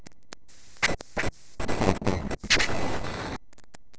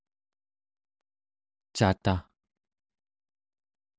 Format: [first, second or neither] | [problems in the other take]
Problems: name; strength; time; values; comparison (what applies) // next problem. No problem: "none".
second | noise reduction (neural separator model SepFormer DNS4)